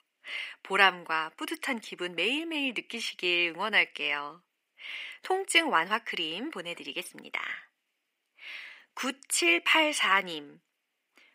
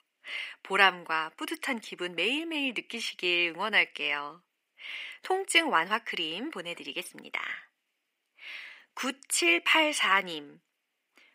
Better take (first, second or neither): neither